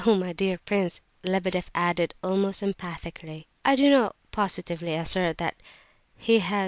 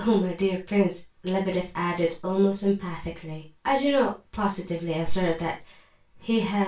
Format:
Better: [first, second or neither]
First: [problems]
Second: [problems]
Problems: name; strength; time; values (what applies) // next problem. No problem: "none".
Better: first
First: none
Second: room echo; dies away in 0.2 s